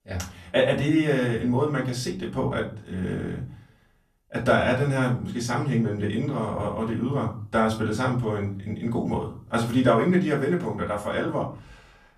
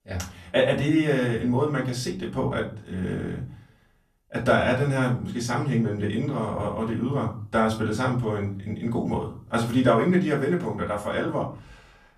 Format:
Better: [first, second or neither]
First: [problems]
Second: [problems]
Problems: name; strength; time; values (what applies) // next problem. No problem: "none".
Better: neither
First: off-mic speech; far // room echo; slight; dies away in 0.4 s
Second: off-mic speech; far // room echo; slight; dies away in 0.4 s